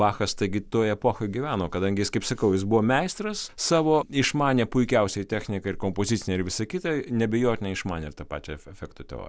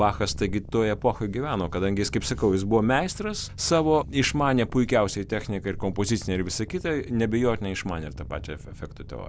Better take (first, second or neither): first